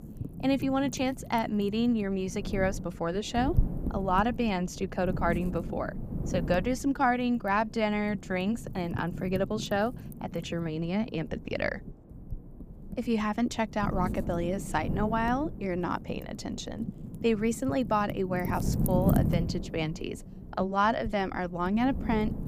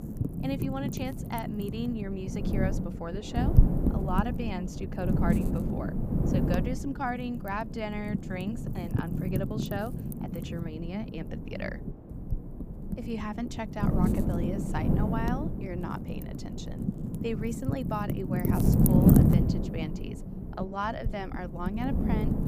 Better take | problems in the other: first | wind noise on the microphone; heavy; as loud as the speech; occasional gusts in the first

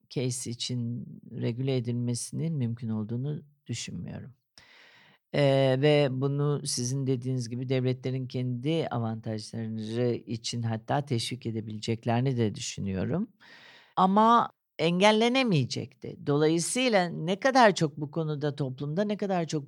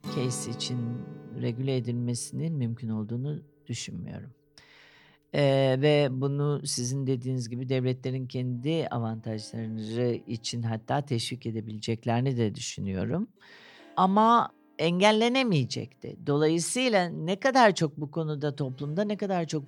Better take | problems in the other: first | background music; noticeable; throughout; 20 dB below the speech

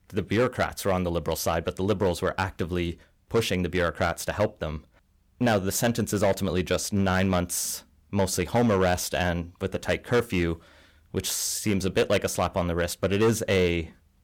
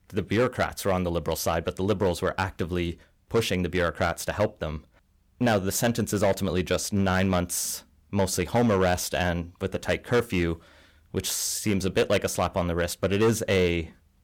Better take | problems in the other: neither | distortion; slight; 4% of the sound clipped; the same in both

